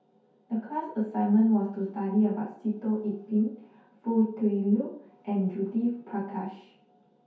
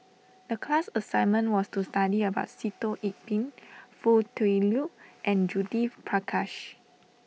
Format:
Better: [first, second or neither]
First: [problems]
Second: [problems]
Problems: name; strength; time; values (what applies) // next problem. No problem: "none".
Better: second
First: room echo; dies away in 0.6 s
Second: none